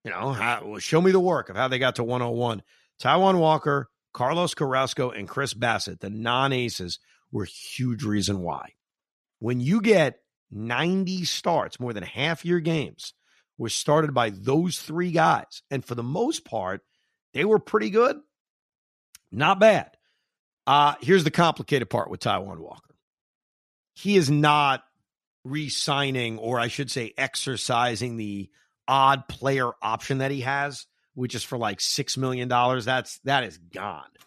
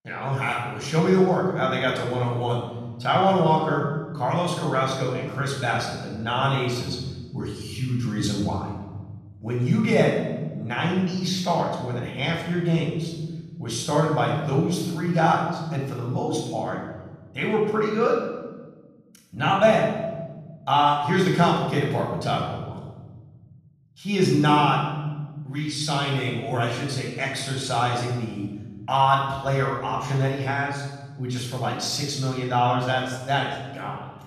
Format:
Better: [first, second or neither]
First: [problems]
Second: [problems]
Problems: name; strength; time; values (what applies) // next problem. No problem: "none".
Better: first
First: none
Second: off-mic speech; far // room echo; noticeable; dies away in 1.7 s